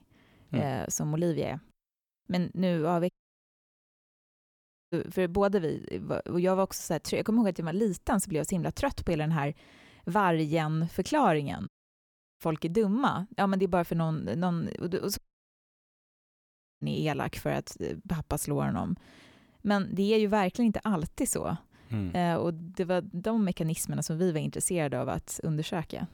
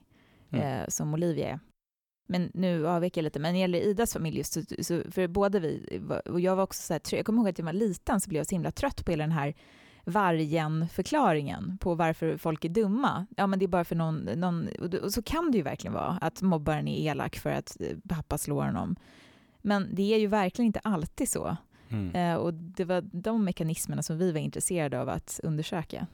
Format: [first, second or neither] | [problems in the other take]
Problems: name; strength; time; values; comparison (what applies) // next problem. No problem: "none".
second | audio cutting out; at 3 s for 2 s, at 12 s for 0.5 s and at 15 s for 1.5 s